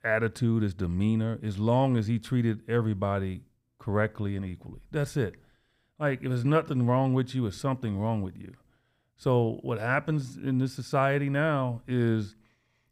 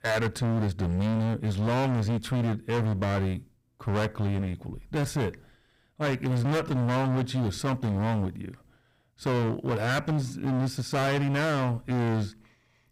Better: first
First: none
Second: distortion; heavy; 29% of the sound clipped

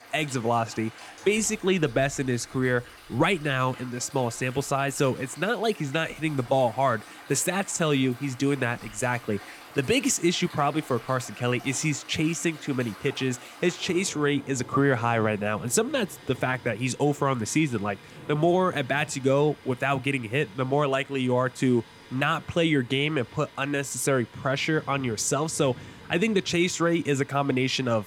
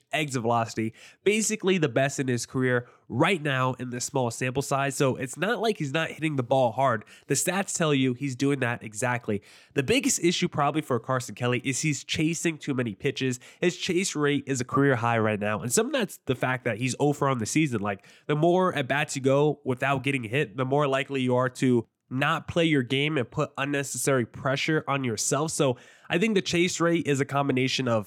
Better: second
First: rain or running water; noticeable; throughout; 20 dB below the speech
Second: none

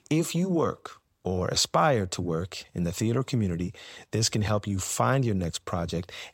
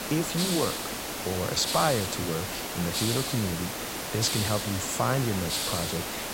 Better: first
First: none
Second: hiss; loud; throughout; 1 dB below the speech

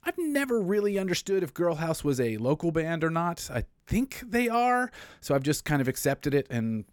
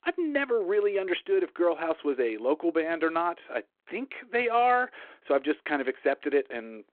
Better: first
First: none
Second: phone-call audio

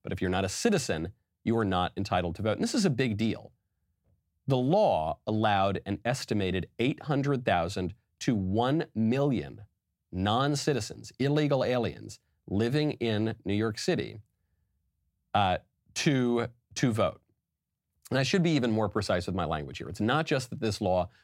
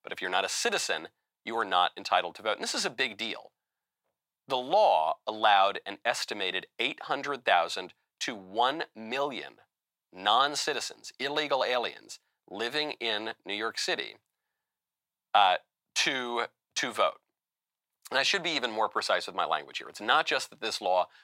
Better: first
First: none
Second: thin; very; fading below 650 Hz

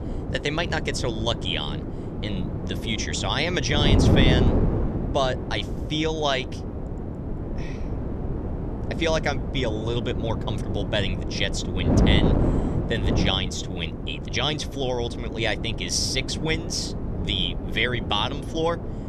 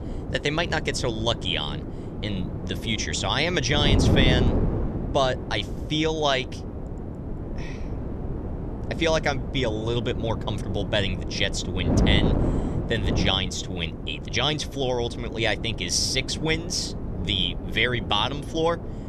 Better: second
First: wind noise on the microphone; heavy; 7 dB below the speech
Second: wind noise on the microphone; occasional gusts; 10 dB below the speech

